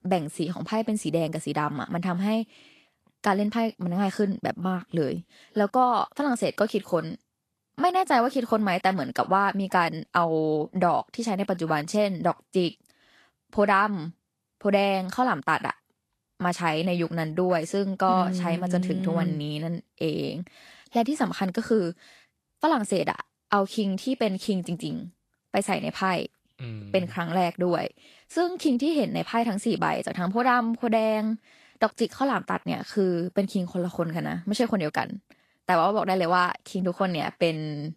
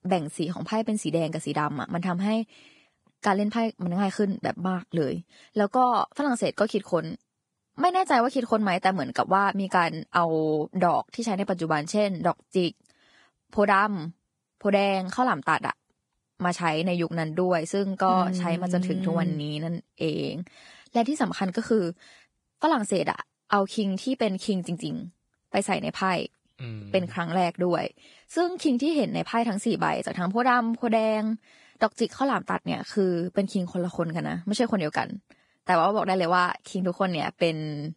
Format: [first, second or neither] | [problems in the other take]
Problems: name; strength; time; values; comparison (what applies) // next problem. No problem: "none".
first | garbled, watery; badly; nothing above 10 kHz; slightly in the first